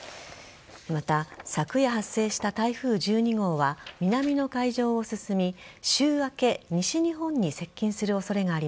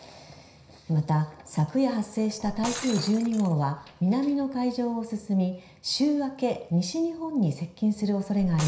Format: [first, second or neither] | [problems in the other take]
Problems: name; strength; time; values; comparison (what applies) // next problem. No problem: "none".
first | background sound (Shatter); 18 dB below the speech // room echo; dies away in 0.5 s